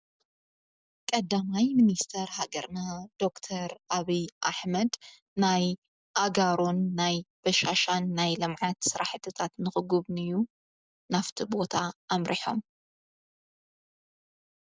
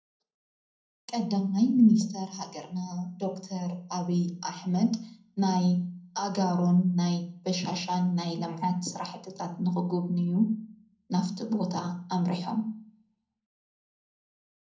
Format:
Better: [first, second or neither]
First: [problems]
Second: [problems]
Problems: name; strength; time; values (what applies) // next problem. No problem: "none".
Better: first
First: none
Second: room echo; dies away in 0.5 s